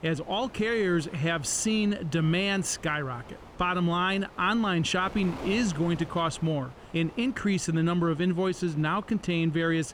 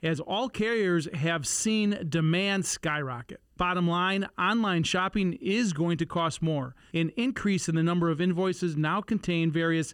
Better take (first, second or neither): second